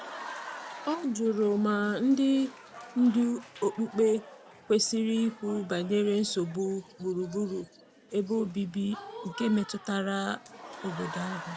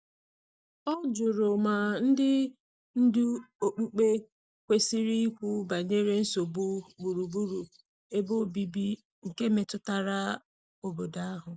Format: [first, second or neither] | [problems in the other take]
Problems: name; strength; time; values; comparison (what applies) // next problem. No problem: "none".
second | background sound (Applause / Crowd); 16 dB below the speech